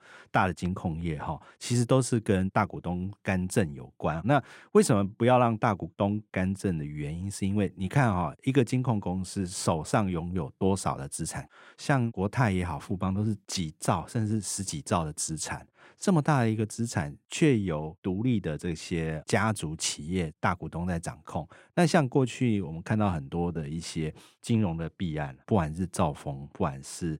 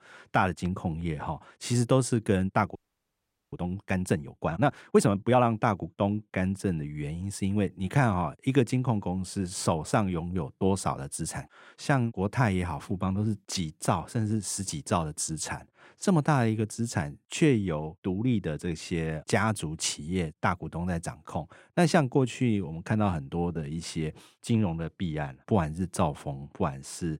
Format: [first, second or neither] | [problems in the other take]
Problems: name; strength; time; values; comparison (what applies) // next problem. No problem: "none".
first | audio freezing; at 3 s for 1 s